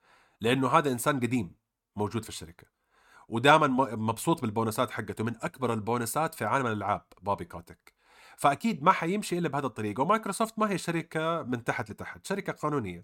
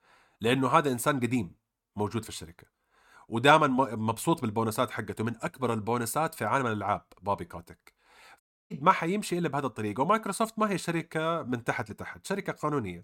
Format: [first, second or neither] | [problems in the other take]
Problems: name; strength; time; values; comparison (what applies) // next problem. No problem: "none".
first | audio cutting out; at 8.5 s